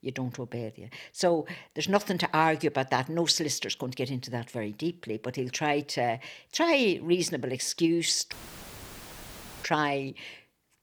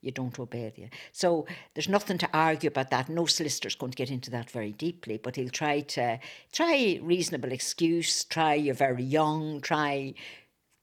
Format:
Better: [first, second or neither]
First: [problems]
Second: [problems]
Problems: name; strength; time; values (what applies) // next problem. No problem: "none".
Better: second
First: audio cutting out; filled with static; at 8.5 s for 1.5 s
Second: none